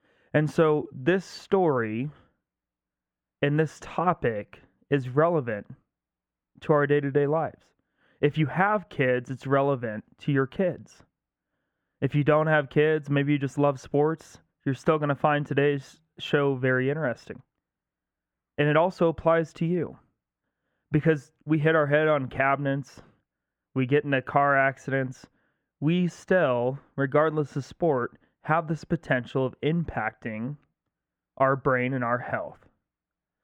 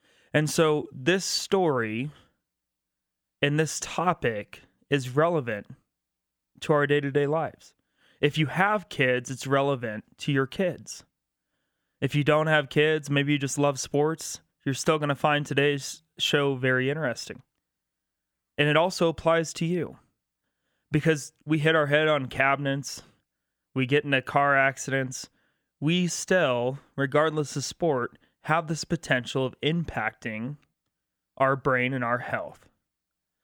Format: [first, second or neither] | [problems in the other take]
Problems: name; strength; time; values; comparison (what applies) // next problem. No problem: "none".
second | muffled; very; fading above 3 kHz